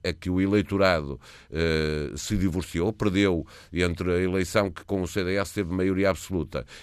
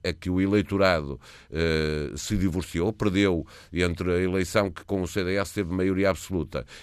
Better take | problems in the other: neither | none

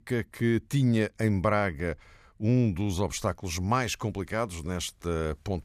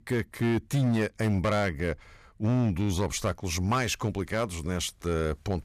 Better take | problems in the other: first | distortion; slight; 9% of the sound clipped

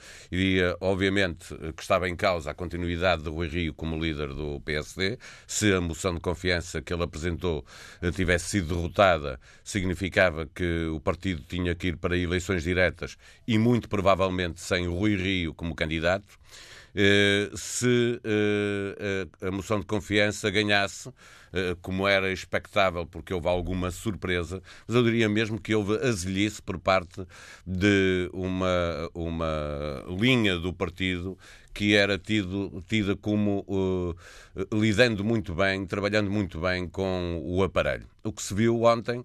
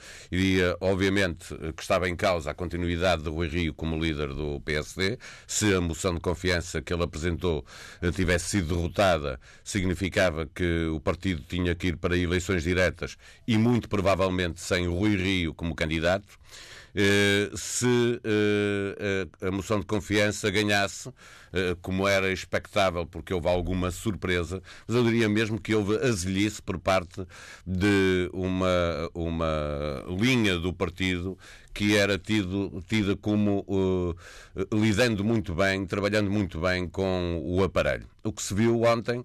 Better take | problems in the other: first | distortion; slight; 4% of the sound clipped

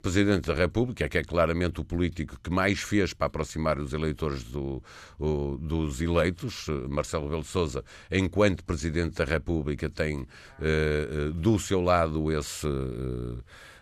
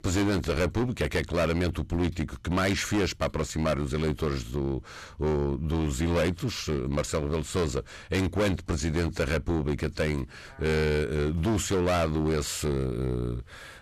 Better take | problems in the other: first | distortion; heavy; 15% of the sound clipped

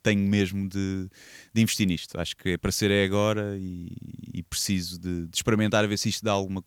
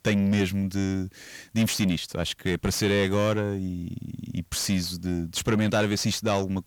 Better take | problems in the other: first | distortion; slight; 10 dB below the speech

